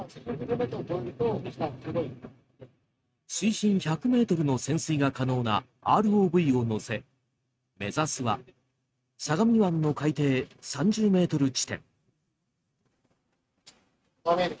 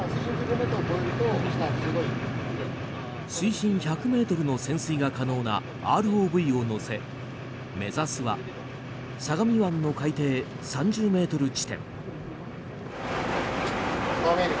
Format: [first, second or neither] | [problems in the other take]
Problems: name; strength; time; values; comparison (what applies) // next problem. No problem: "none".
second | noise reduction (neural mask model RNNoise)